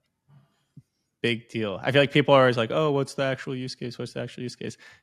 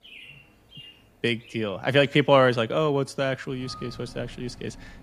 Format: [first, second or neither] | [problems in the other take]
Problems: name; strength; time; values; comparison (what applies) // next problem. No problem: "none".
first | animal sounds; faint; throughout; 25 dB below the speech